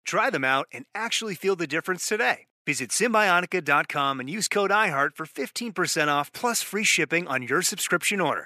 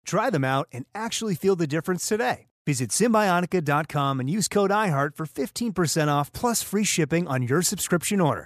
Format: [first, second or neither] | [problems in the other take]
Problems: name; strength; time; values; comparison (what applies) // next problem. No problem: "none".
second | thin; somewhat; fading below 250 Hz